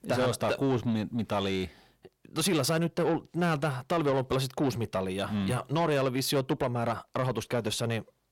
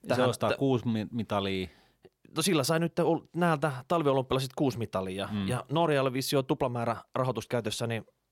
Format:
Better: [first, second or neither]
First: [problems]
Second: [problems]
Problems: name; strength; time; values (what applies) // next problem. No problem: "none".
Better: second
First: distortion; slight; 10 dB below the speech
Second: none